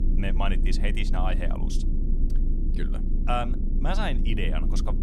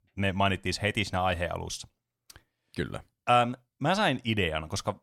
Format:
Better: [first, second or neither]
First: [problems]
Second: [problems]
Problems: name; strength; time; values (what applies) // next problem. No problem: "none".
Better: second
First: low rumble; loud; throughout; 9 dB below the speech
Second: none